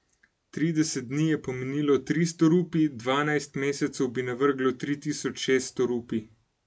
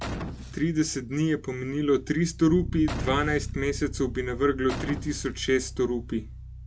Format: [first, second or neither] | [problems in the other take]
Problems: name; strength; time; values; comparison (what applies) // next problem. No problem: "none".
first | background sound (Boom + Bass guitar); 9 dB below the speech